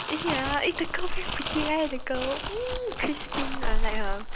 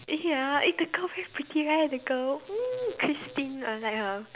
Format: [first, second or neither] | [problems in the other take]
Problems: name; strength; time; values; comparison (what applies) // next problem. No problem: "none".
second | background sound (Crumpling, crinkling); 3 dB above the speech